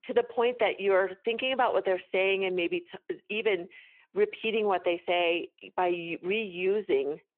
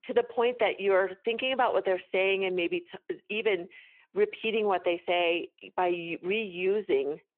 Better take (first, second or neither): neither